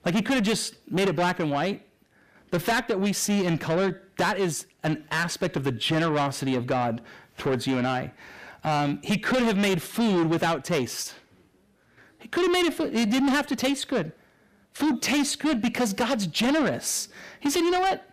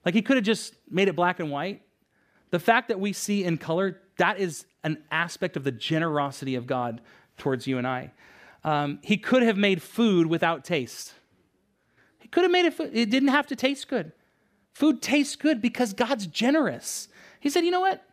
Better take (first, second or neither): second